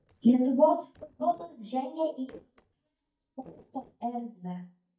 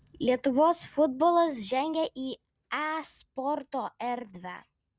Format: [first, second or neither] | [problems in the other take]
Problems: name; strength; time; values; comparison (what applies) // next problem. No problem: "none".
second | noise reduction (neural mask model DeepFilterNet 3)